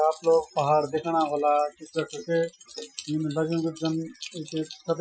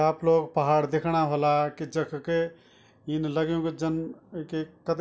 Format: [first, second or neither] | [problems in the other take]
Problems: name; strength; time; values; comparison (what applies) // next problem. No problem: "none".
second | noise reduction (classical method Wiener filter)